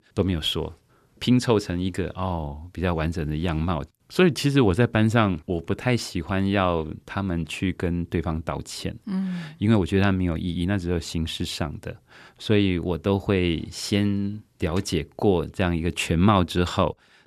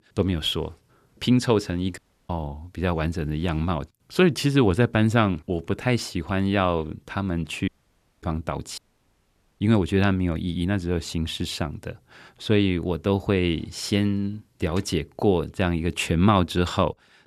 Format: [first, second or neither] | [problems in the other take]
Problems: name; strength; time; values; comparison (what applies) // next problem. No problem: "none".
first | audio cutting out; at 2 s, at 7.5 s for 0.5 s and at 9 s for 1 s